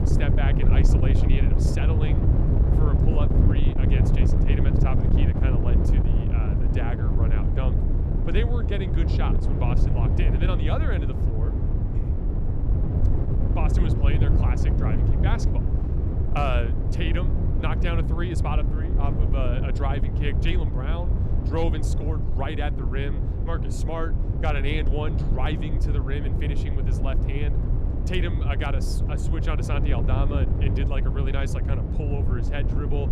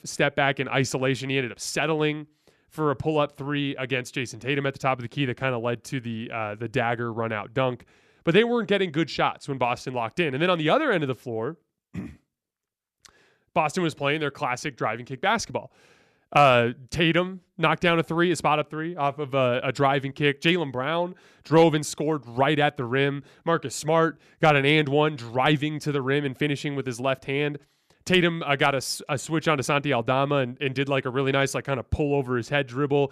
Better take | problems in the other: second | wind noise on the microphone; heavy; 2 dB below the speech

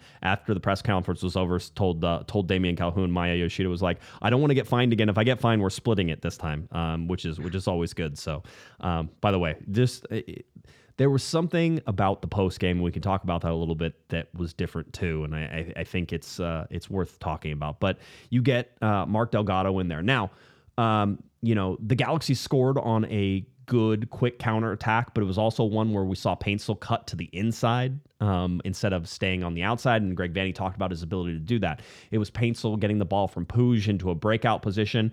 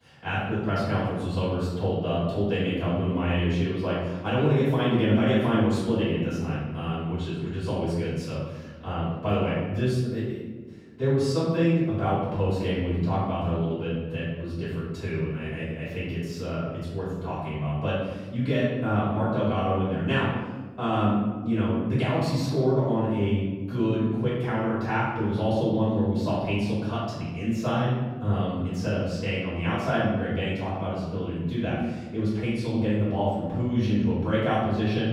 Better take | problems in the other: first | off-mic speech; far // room echo; noticeable; dies away in 1.3 s

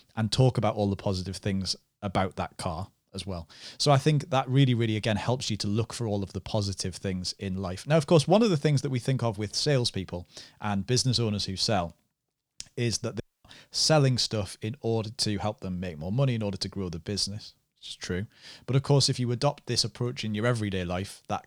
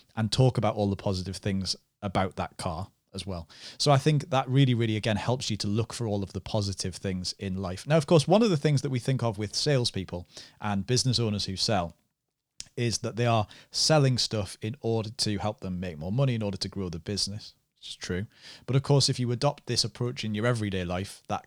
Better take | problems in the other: second | audio cutting out; at 13 s

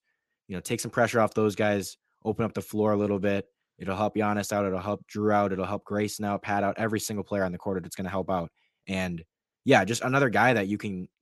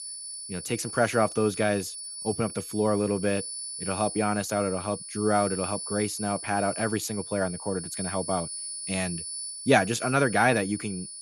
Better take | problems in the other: first | high-pitched whine; loud; throughout; 10 kHz, 8 dB below the speech

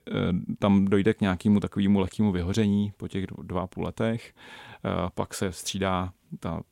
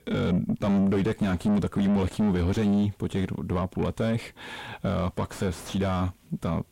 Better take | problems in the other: first | distortion; heavy; 5 dB below the speech

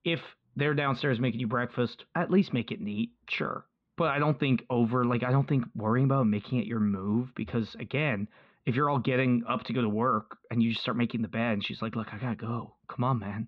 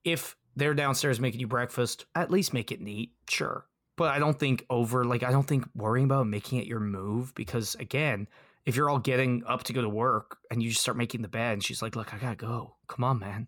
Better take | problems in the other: second | muffled; slightly; fading above 3.5 kHz

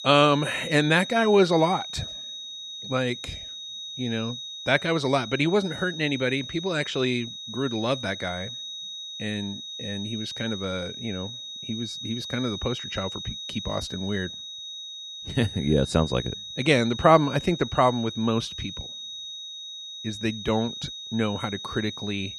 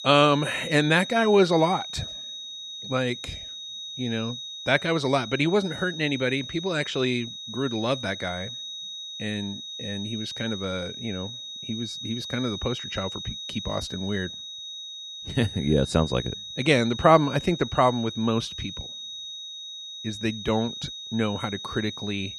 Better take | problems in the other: neither | high-pitched whine; loud; throughout; 4 kHz, 9 dB below the speech; the same in both

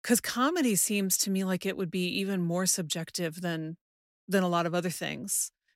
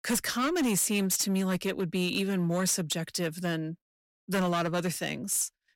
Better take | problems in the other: first | distortion; slight; 11% of the sound clipped

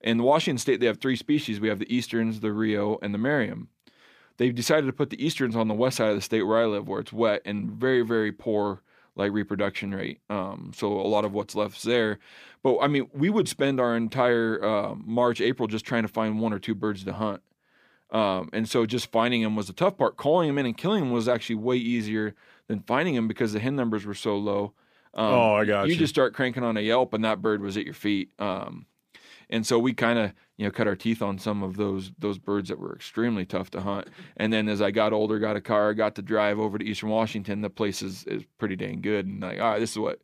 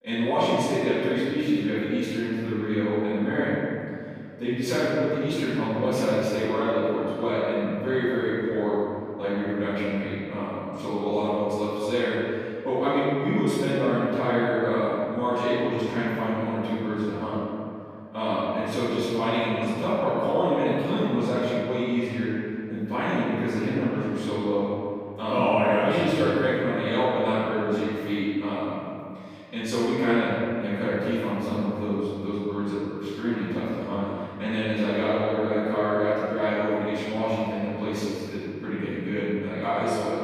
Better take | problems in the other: first | off-mic speech; far // room echo; strong; dies away in 2.3 s

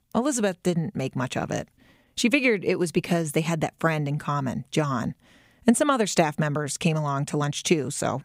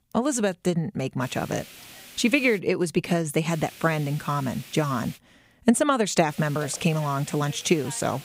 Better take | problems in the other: first | hiss; noticeable; from 1 to 2.5 s, from 3.5 to 5 s and from 6.5 s on; 20 dB below the speech

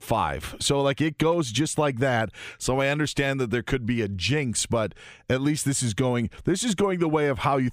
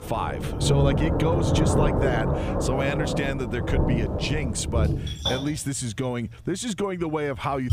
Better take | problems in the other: first | rain or running water; very loud; throughout; 3 dB above the speech

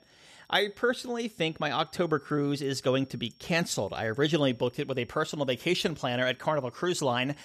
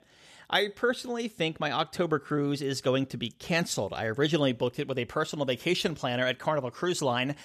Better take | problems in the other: second | high-pitched whine; faint; throughout; 5.5 kHz, 35 dB below the speech

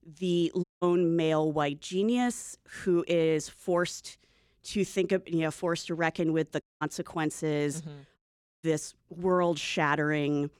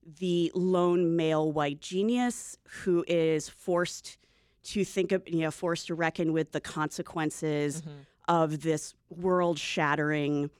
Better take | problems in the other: second | audio cutting out; at 0.5 s, at 6.5 s and at 8 s

